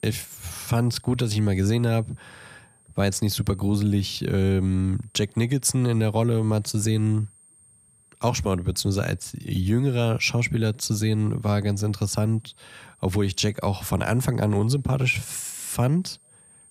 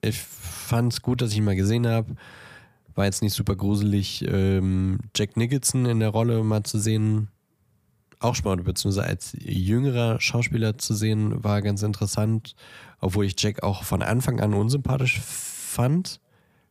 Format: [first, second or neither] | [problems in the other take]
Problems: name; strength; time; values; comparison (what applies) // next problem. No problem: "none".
second | high-pitched whine; faint; throughout; 8.5 kHz, 30 dB below the speech